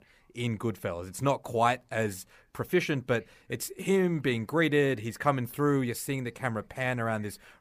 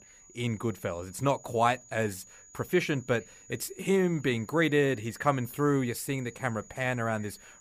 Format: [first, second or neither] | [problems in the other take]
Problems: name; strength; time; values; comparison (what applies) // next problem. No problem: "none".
first | high-pitched whine; faint; throughout; 7 kHz, 20 dB below the speech